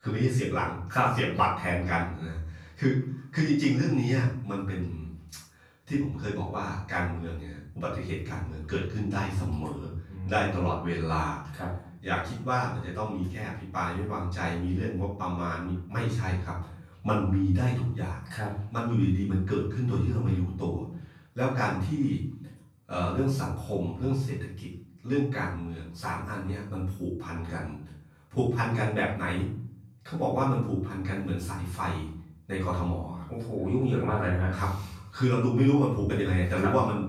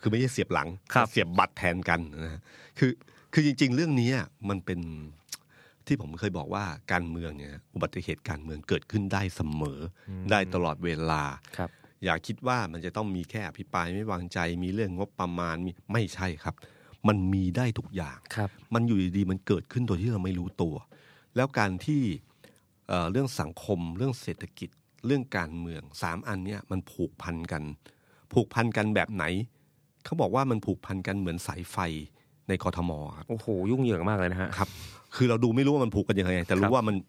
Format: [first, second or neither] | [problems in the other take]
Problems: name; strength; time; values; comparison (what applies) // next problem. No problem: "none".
second | off-mic speech; far // room echo; noticeable; dies away in 0.6 s